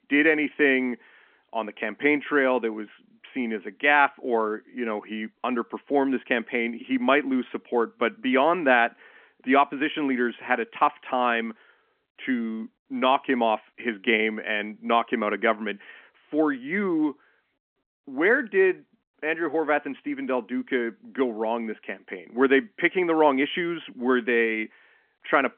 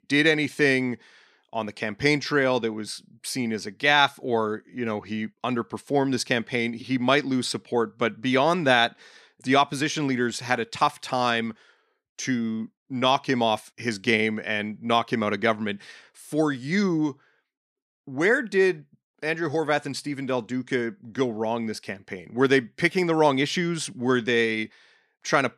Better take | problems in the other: second | phone-call audio; nothing above 3.5 kHz

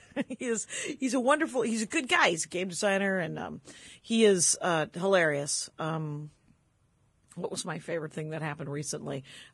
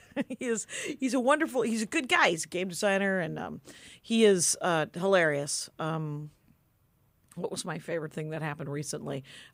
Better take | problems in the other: second | garbled, watery; badly

